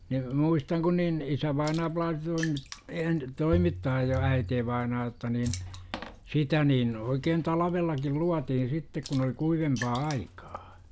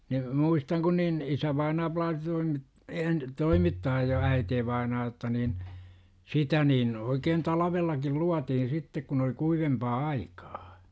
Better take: second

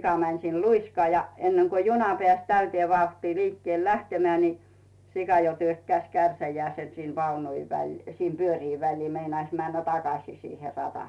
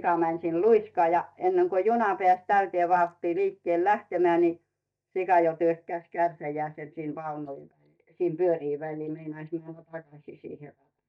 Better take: first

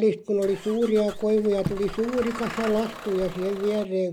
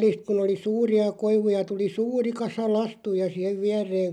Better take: second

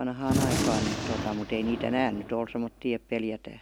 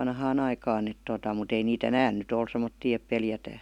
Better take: second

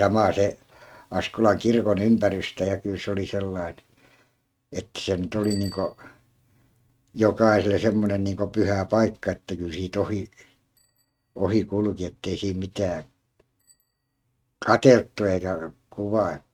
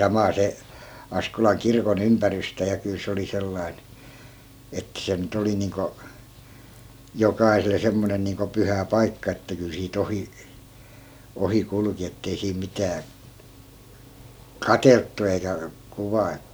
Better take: second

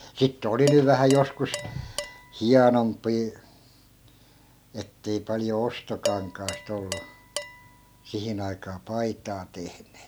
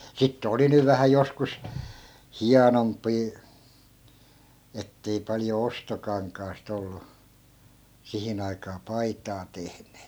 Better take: second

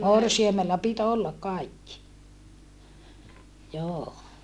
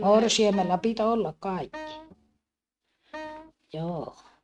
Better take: first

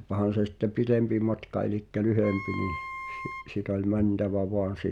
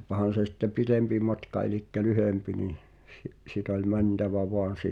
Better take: second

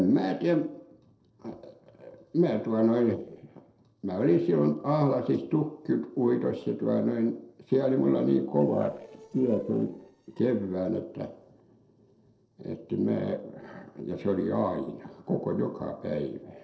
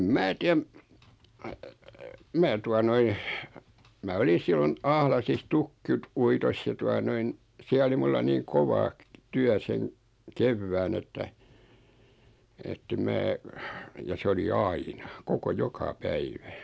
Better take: second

